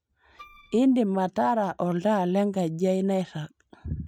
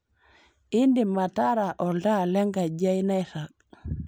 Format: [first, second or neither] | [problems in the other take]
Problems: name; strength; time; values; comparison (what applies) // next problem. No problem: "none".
second | noise reduction (neural mask model RNNoise)